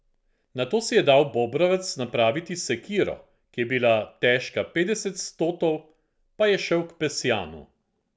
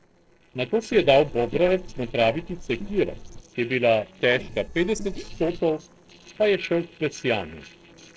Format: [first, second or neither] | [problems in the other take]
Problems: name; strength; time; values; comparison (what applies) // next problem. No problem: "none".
first | noise reduction (neural separator model SepFormer DNS4)